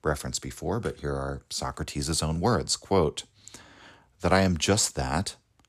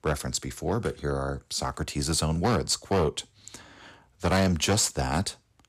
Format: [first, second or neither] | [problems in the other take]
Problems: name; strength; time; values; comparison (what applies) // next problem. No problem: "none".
first | distortion; slight; 4% of the sound clipped